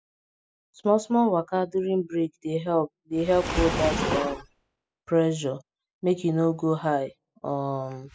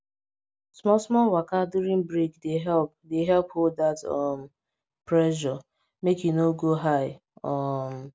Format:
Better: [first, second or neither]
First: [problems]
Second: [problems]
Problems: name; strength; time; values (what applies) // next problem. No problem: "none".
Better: second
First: noise reduction (classical method spectral subtraction)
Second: none